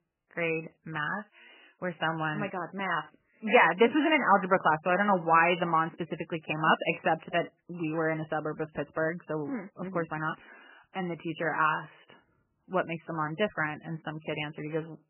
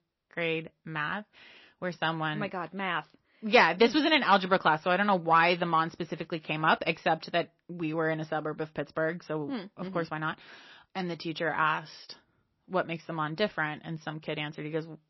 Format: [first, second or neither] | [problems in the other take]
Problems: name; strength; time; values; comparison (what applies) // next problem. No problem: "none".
second | garbled, watery; badly; nothing above 3 kHz; slightly in the second